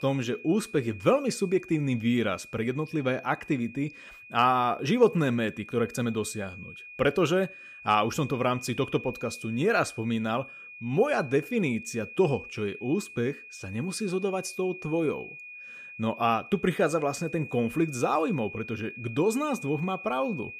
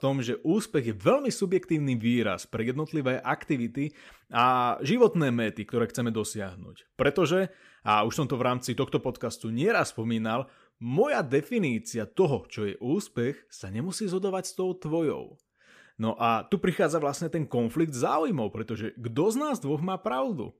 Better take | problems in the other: second | high-pitched whine; noticeable; throughout; 2.5 kHz, 15 dB below the speech

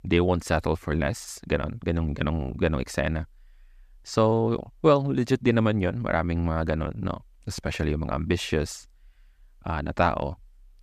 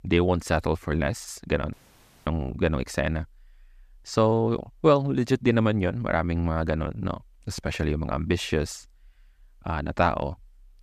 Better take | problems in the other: first | audio cutting out; at 1.5 s for 0.5 s

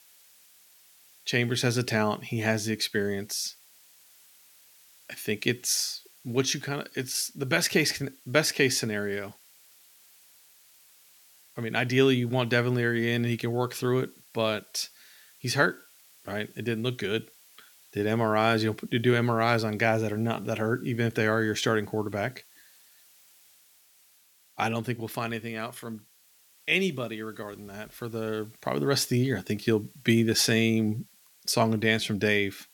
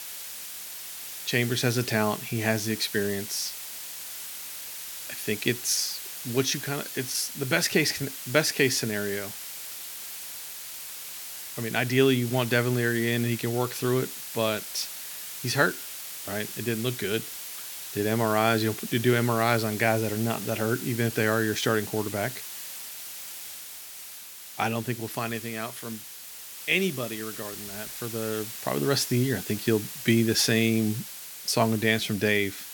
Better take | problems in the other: first | hiss; loud; throughout; 9 dB below the speech; faint in the first

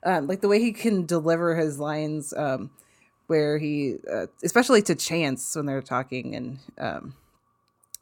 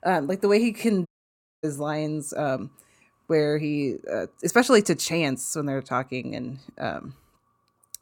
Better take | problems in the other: first | audio cutting out; at 1 s for 0.5 s

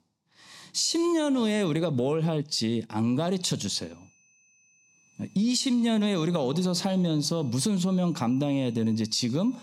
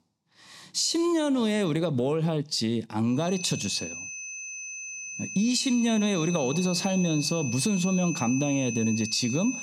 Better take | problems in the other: first | high-pitched whine; loud; from 3 s on; 2.5 kHz, 8 dB below the speech; faint in the first

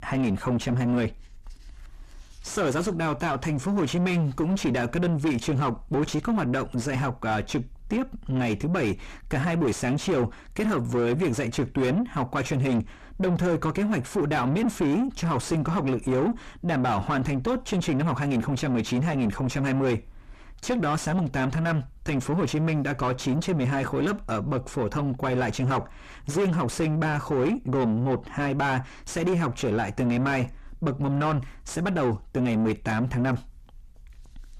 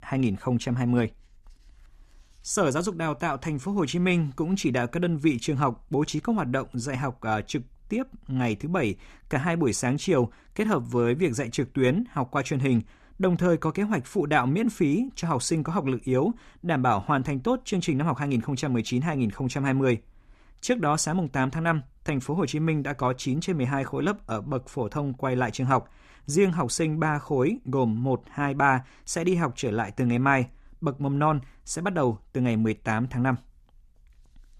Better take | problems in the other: second | distortion; heavy; 5 dB below the speech

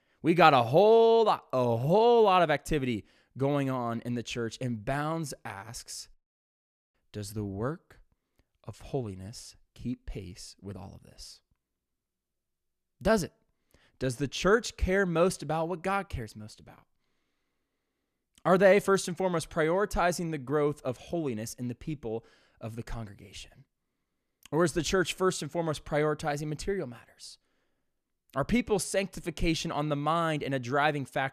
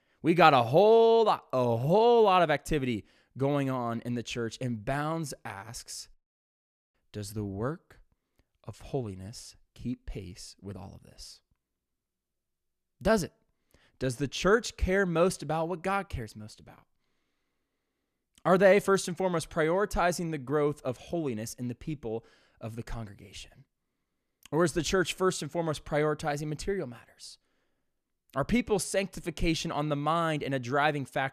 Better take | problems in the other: neither | none

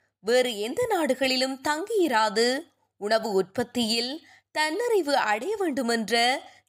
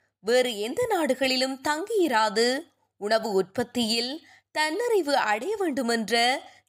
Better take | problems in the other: neither | none

